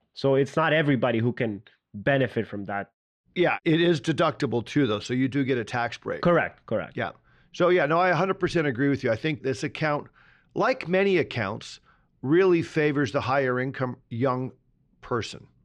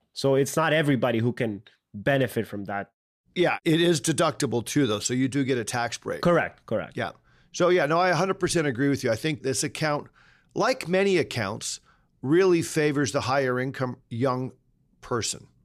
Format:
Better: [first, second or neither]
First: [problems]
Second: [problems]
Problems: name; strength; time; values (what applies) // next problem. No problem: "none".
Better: second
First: muffled; slightly; fading above 3 kHz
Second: none